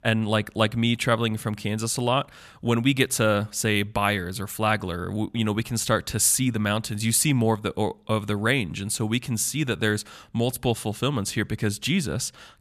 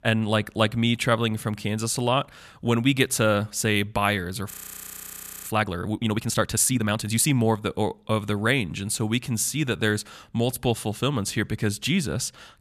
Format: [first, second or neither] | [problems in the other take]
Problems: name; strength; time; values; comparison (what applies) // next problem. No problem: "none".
first | audio freezing; at 4.5 s for 1 s